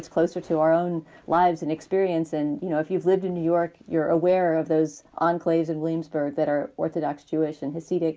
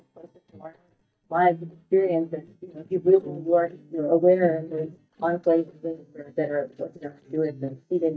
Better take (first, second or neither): first